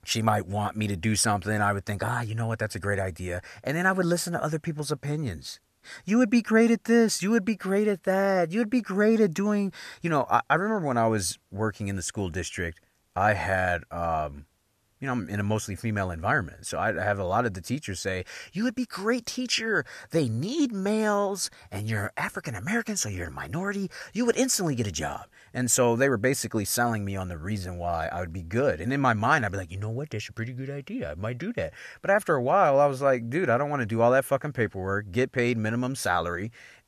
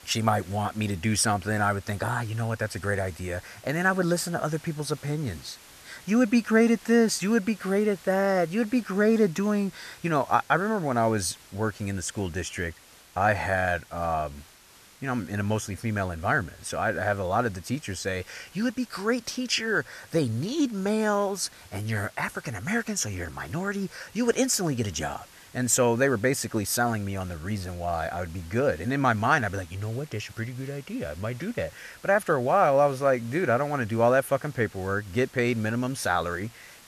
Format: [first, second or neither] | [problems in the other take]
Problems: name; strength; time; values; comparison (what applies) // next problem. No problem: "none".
first | hiss; faint; throughout; 25 dB below the speech